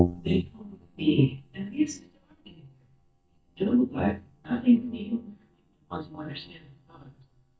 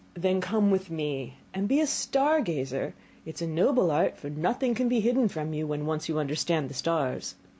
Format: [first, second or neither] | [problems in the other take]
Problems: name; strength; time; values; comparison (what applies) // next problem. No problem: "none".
second | noise reduction (neural mask model DeepFilterNet 3)